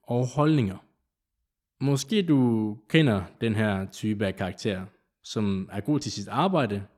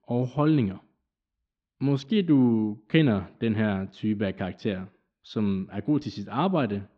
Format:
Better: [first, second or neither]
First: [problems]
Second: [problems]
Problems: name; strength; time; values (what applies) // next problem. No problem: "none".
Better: first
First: none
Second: muffled; slightly; fading above 4 kHz